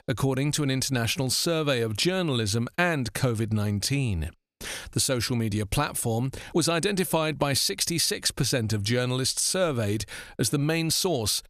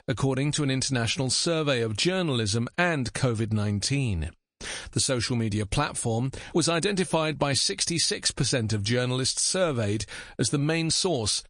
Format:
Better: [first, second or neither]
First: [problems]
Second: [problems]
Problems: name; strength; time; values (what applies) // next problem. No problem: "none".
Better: first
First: none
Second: garbled, watery; slightly; nothing above 8.5 kHz